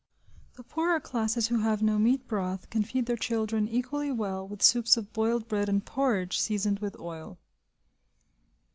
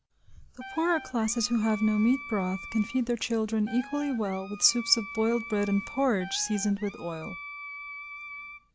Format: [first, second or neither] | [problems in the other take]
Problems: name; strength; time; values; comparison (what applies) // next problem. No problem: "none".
first | background sound (Wind instrument, woodwind instrument); 13 dB below the speech